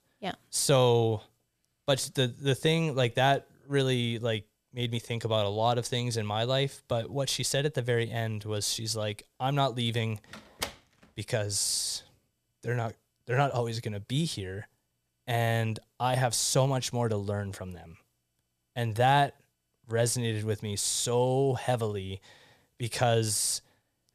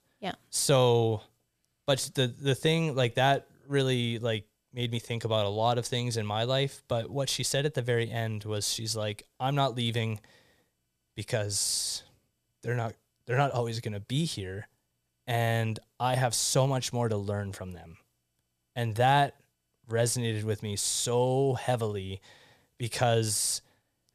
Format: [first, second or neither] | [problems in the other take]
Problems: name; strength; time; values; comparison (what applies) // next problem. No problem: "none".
second | door banging; noticeable; at 10 s; peak 8 dB below the speech